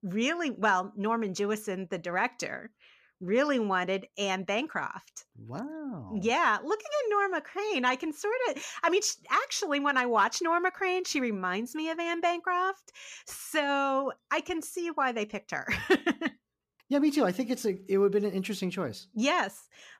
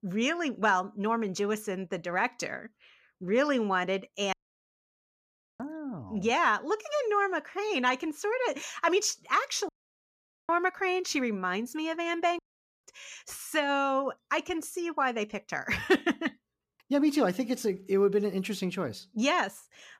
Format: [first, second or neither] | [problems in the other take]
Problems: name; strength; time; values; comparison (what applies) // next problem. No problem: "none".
first | audio cutting out; at 4.5 s for 1.5 s, at 9.5 s for 1 s and at 12 s